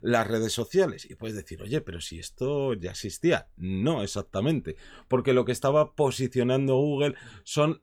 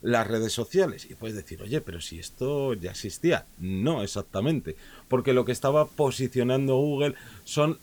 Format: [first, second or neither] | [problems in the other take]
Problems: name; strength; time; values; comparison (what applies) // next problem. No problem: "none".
first | hiss; faint; throughout; 25 dB below the speech